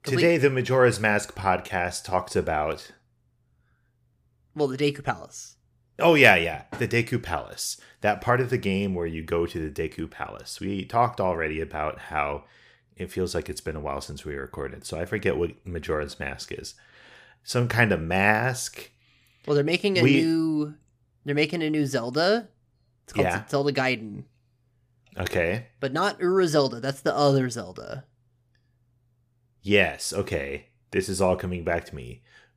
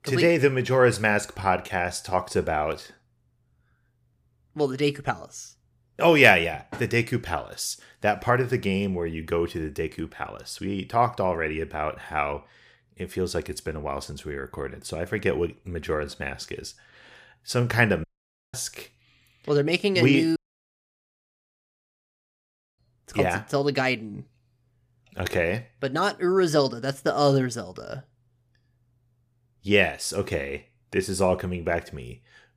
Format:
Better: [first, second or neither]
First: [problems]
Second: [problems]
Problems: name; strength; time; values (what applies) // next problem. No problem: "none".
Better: first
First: none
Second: audio cutting out; at 18 s and at 20 s for 2.5 s